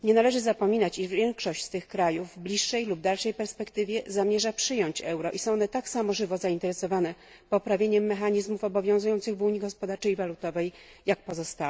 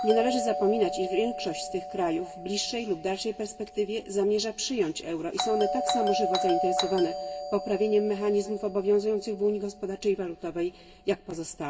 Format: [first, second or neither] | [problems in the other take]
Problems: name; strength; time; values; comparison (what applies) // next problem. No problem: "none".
first | background sound (Doorbell); 6 dB below the speech // room echo; dies away in 2.5 s